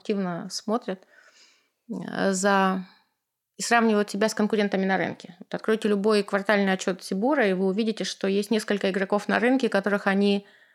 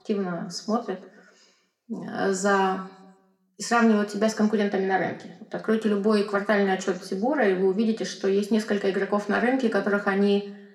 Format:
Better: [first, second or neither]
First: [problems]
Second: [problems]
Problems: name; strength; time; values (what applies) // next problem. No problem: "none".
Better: first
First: none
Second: room echo; slight; dies away in 0.6 s // off-mic speech; somewhat distant